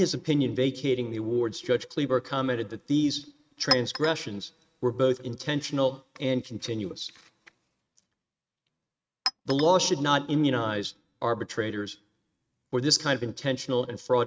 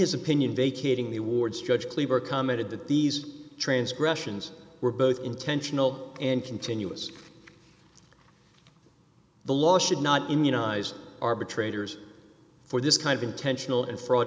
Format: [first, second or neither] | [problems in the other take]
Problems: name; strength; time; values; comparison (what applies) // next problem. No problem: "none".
second | noise reduction (neural mask model RNNoise)